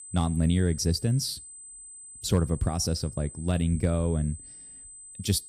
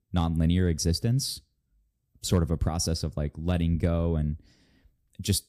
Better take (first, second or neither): second